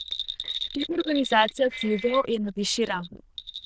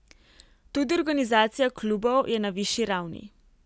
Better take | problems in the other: second | noise reduction (neural diffusion model UNIVERSE++)

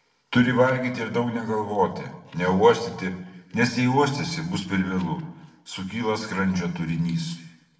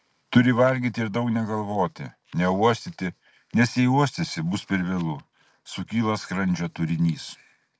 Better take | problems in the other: second | room echo; dies away in 0.7 s

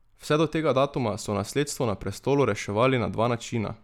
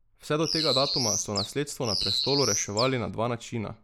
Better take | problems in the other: first | noise reduction (neural mask model Resemble Enhance denoiser)

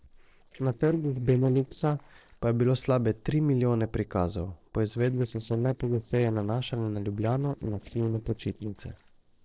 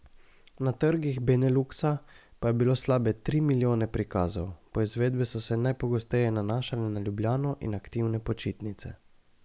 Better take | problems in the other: second | noise reduction (neural separator model SepFormer DNS4)

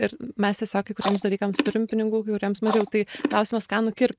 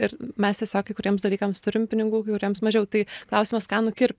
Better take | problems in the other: second | noise reduction (neural mask model RNNoise)

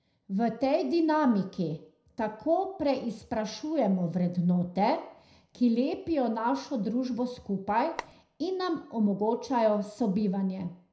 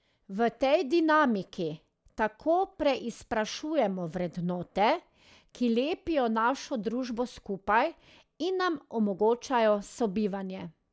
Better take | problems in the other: second | background sound (Telephone); 13 dB below the speech // room echo; dies away in 0.5 s

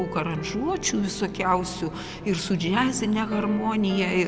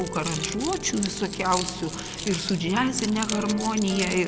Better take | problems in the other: first | background sound (Keys jangling); 9 dB below the speech

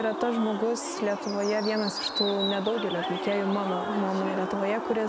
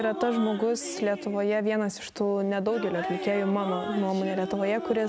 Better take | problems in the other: second | background sound (Bird); 7 dB below the speech

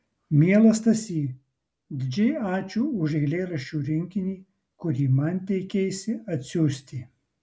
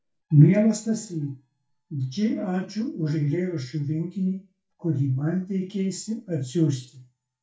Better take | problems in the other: first | noise reduction (neural mask model DeepFilterNet 3)

